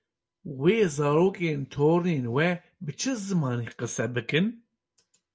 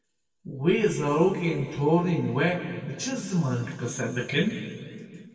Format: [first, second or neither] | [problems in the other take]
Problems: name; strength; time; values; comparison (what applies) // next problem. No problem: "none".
first | room echo; dies away in 2.2 s